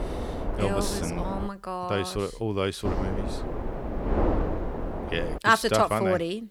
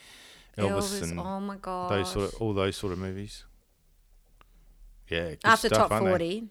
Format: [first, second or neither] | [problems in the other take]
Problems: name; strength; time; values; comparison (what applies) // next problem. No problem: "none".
second | wind noise on the microphone; heavy; until 1.5 s and from 3 to 5.5 s; 8 dB below the speech